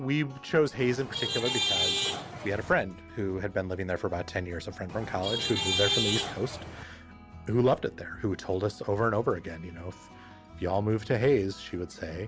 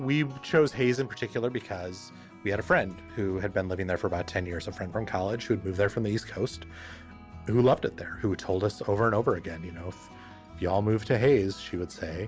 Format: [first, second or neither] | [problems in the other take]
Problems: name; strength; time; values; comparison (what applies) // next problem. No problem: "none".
second | background sound (Traffic noise, roadway noise / Vehicle horn, car horn, honking); 1 dB below the speech